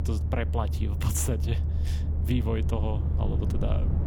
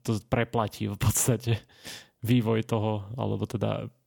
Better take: second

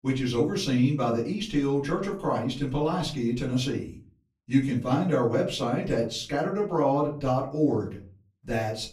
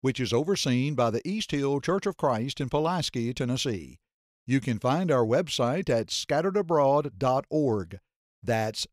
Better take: second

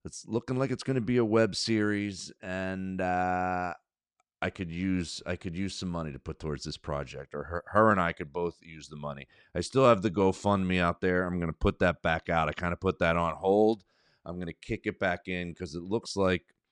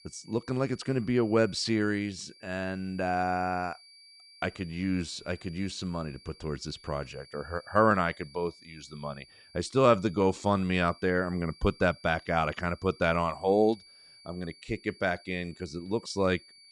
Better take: first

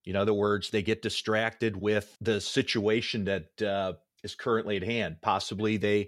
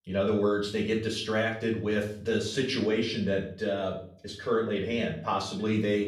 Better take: first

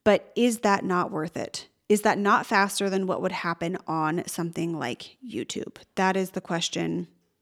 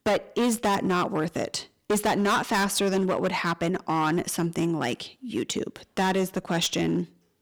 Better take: first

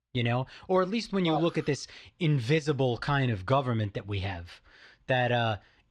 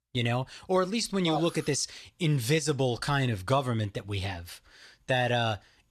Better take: second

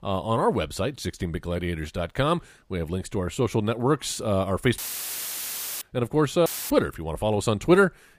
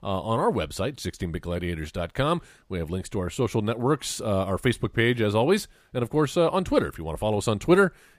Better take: second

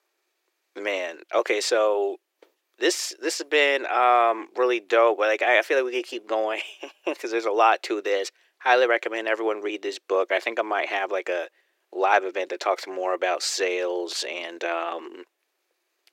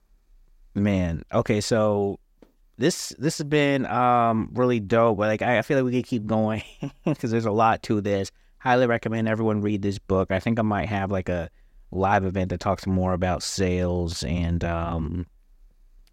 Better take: second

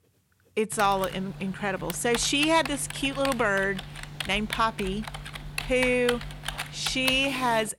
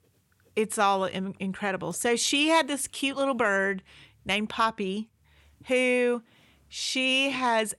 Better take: second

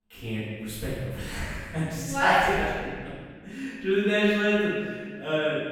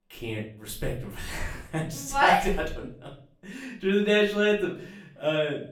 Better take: second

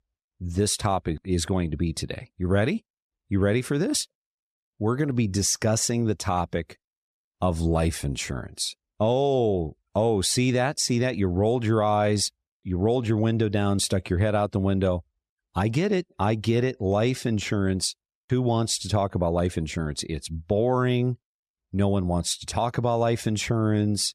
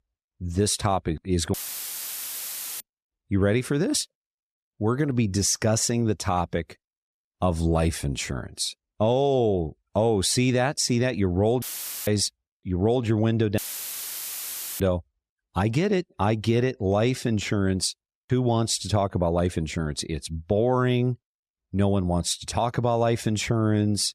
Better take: first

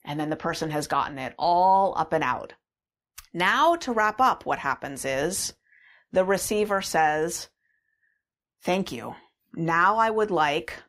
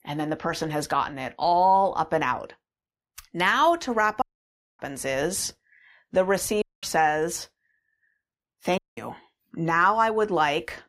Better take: first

